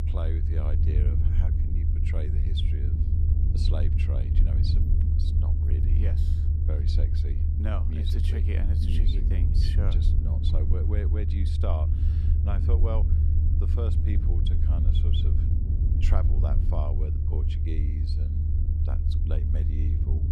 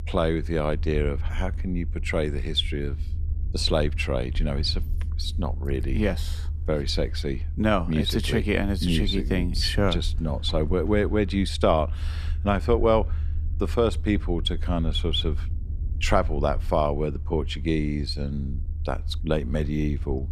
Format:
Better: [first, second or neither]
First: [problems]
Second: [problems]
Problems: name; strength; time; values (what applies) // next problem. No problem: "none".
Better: second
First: low rumble; loud; throughout; as loud as the speech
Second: low rumble; faint; throughout; 20 dB below the speech